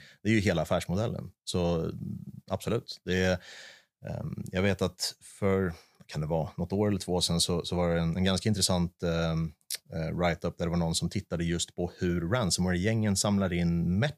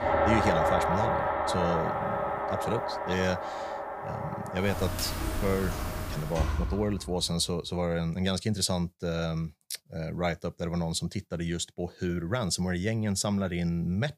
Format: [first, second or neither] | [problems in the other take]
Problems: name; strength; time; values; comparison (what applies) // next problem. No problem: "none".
first | household noises; very loud; until 6 s; as loud as the speech